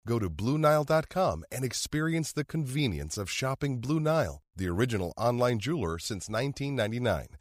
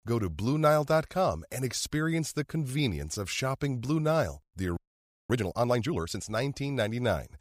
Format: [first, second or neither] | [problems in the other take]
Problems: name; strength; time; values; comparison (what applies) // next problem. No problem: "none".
first | audio freezing; at 5 s for 0.5 s